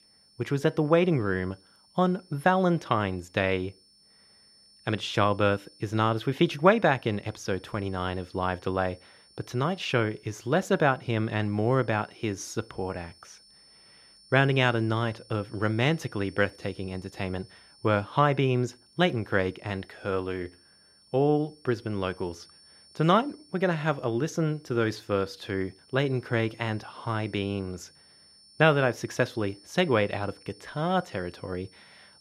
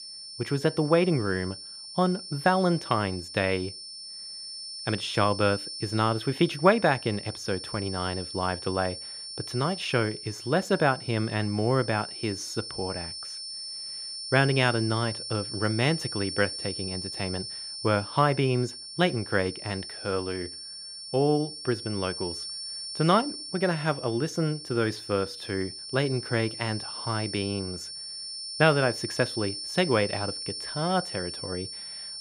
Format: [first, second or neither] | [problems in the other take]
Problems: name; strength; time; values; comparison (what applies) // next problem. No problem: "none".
first | high-pitched whine; loud; throughout; 5.5 kHz, 8 dB below the speech; faint in the first